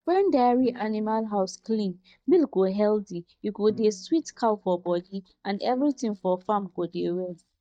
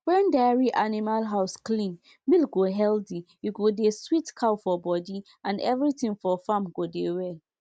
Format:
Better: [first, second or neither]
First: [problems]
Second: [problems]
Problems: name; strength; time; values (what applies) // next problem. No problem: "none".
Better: second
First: noise reduction (neural mask model DeepFilterNet 3)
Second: none